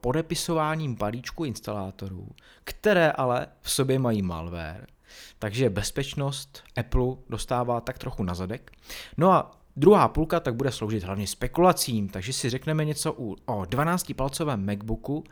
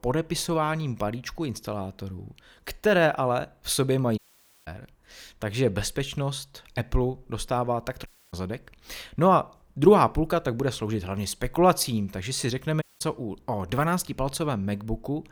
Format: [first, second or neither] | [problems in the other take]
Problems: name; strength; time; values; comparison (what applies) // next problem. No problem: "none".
first | audio cutting out; at 4 s, at 8 s and at 13 s